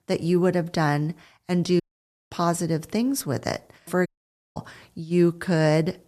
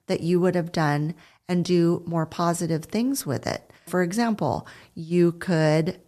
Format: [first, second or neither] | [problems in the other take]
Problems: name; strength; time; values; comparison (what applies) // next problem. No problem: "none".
second | audio cutting out; at 2 s for 0.5 s and at 4 s for 0.5 s